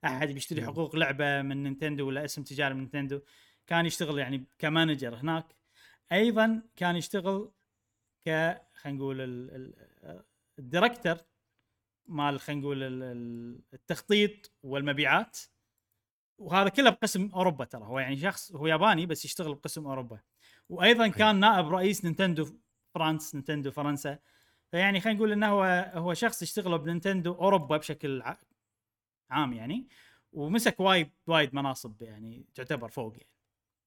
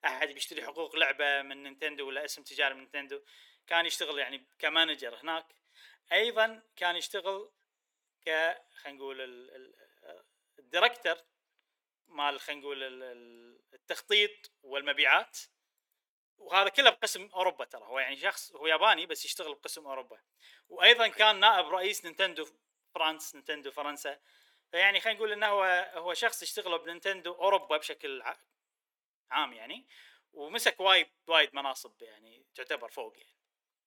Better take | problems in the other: first | thin; very; fading below 450 Hz

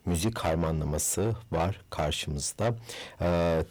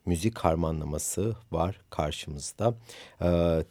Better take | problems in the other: second | distortion; heavy; 6 dB below the speech

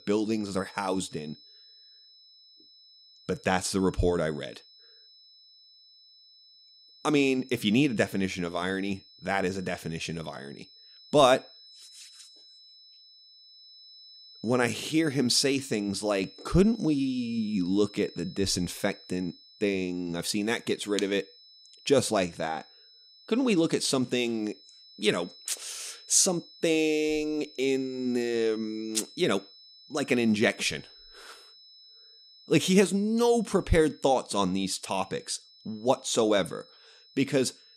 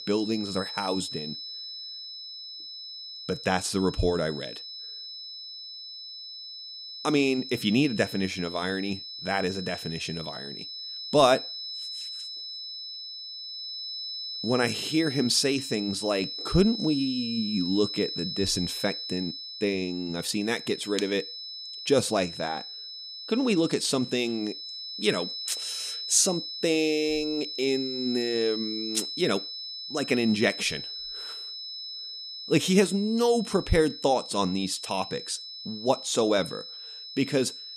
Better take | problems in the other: first | high-pitched whine; loud; throughout; 5 kHz, 8 dB below the speech; faint in the first

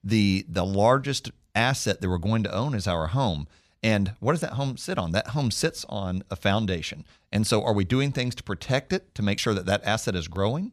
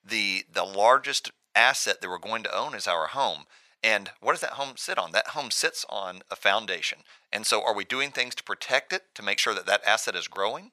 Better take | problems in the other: first | thin; very; fading below 800 Hz

